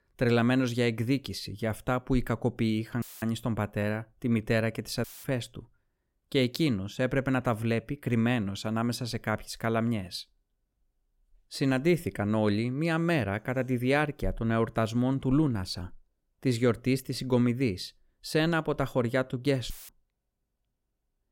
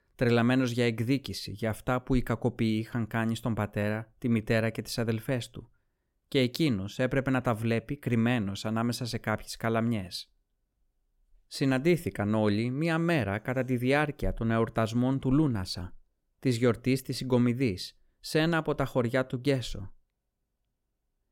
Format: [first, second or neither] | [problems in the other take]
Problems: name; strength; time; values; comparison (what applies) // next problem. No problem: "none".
second | audio cutting out; filled with static; at 3 s, at 5 s and at 20 s